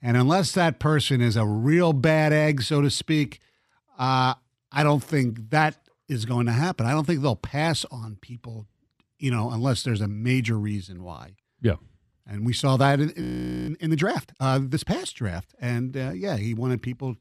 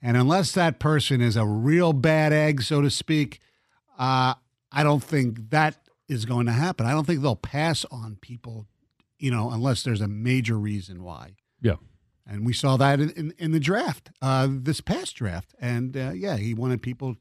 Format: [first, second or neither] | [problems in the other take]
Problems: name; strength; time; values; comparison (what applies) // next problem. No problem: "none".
second | audio freezing; at 13 s